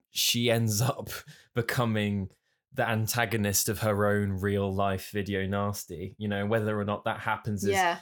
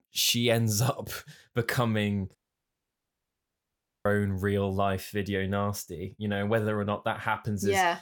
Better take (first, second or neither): first